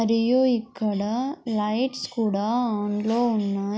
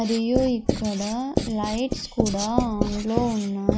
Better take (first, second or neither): first